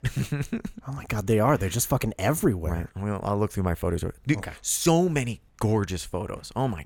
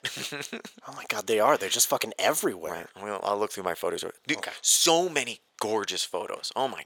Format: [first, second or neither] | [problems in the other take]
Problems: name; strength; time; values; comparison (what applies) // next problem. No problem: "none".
first | thin; very; fading below 550 Hz